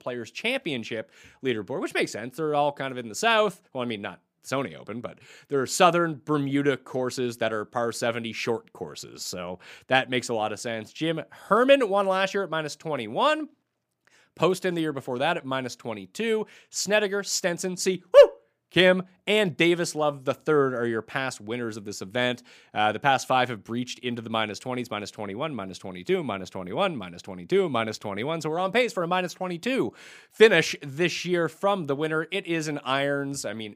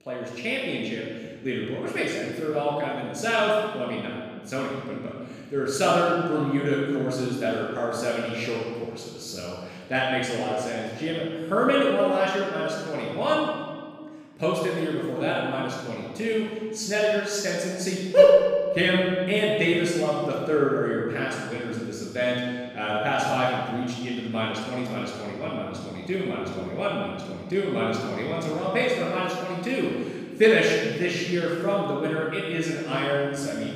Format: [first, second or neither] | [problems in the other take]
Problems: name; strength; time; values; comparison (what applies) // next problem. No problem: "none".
first | off-mic speech; far // room echo; strong; dies away in 1.8 s